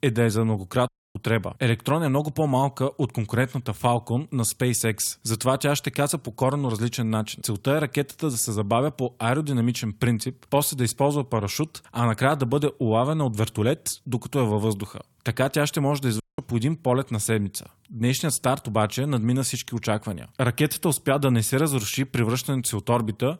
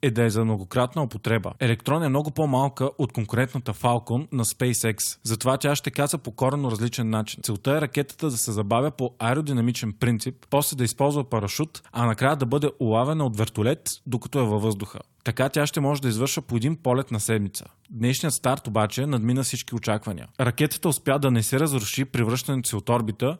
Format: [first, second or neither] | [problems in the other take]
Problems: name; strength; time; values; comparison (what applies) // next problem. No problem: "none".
second | audio cutting out; at 1 s and at 16 s